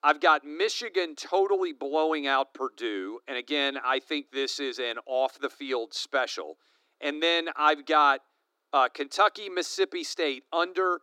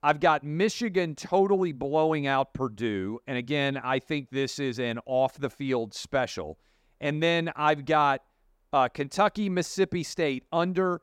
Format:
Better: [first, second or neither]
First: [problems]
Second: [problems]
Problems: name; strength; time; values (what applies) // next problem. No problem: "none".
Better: second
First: thin; somewhat; fading below 300 Hz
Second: none